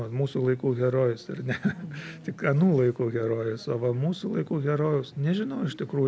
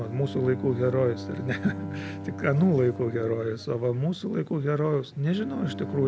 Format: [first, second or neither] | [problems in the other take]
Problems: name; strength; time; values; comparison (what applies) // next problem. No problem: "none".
first | background sound (Bowed string instrument); 11 dB below the speech